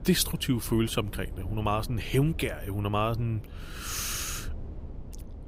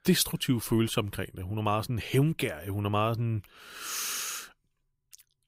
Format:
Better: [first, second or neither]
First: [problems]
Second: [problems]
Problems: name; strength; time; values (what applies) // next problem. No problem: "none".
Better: second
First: low rumble; faint; throughout; 20 dB below the speech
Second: none